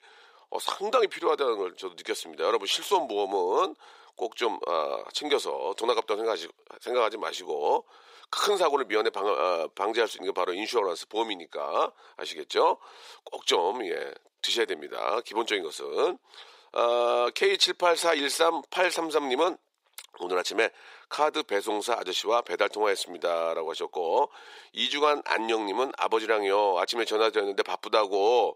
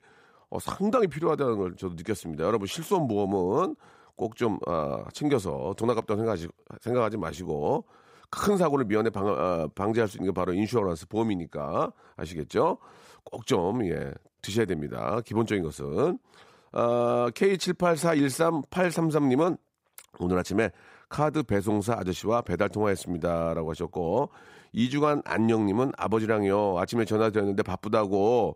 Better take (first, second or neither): second